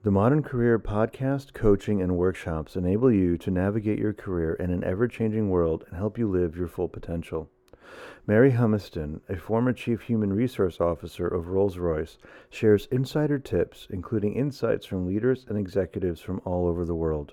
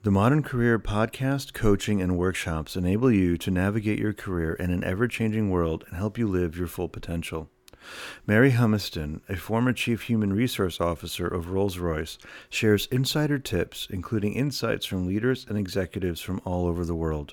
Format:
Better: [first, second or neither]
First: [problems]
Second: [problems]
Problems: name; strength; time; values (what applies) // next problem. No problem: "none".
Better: second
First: muffled; slightly; fading above 2 kHz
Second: none